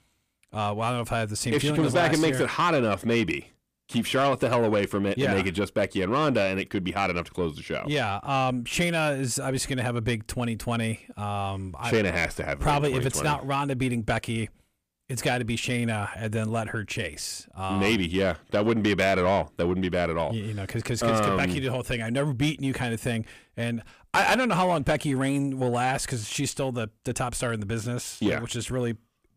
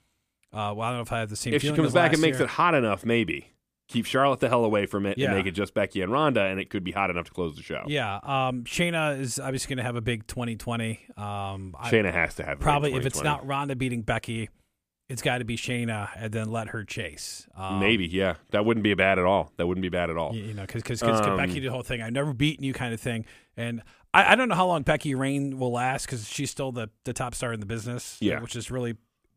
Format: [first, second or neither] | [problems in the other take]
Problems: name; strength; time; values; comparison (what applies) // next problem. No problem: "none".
second | distortion; slight; 10 dB below the speech